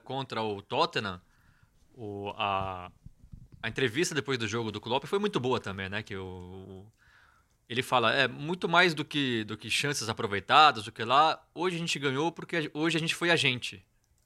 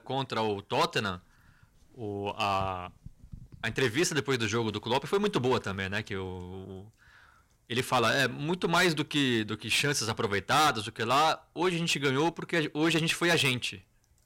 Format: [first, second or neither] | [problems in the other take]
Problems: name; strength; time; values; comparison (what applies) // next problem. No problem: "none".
first | distortion; heavy; 6% of the sound clipped